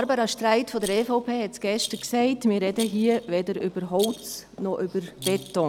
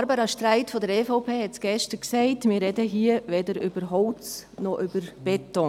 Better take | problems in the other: second | background sound (Rattle); 17 dB below the speech

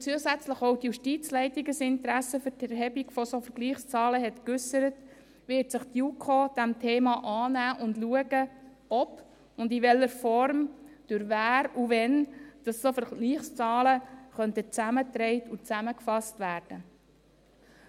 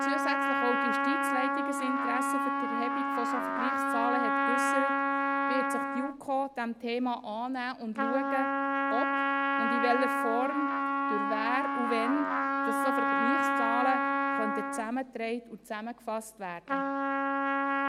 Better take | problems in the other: first | background sound (Trumpet); 4 dB above the speech

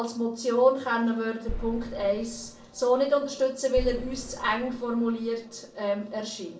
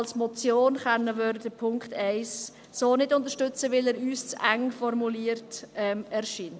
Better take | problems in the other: second | background sound (Boom); 11 dB below the speech // room echo; dies away in 0.3 s

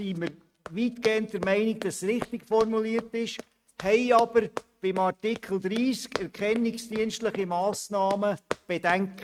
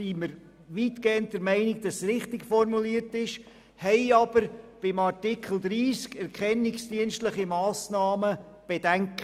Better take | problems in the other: second | noise reduction (neural mask model RNNoise)

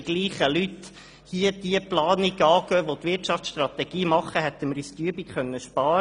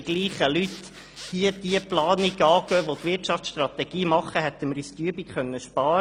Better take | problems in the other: first | background sound (Zipper (clothing) / Sawing); 19 dB below the speech

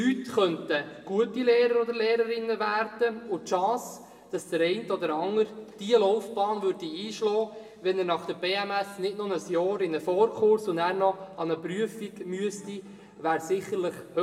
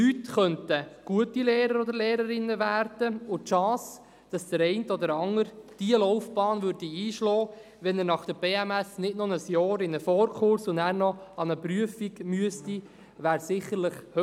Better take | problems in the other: second | room echo; dies away in 1.2 s

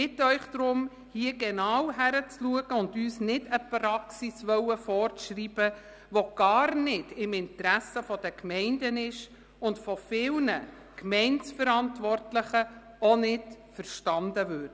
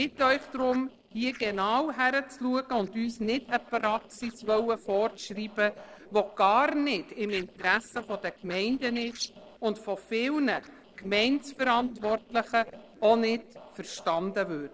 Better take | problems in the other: first | noise reduction (neural separator model SepFormer DNS4)

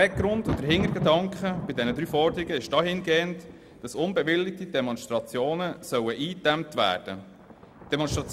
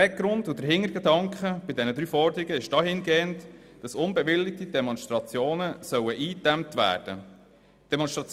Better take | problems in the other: second | background sound (Thunder); 10 dB below the speech

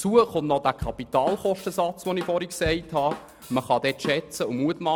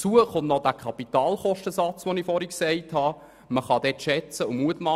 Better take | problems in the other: second | background sound (Drum / Drum kit); 14 dB below the speech

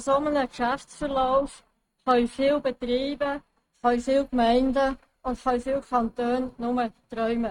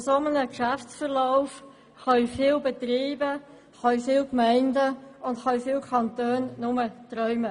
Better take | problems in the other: second | noise reduction (neural mask model RNNoise)

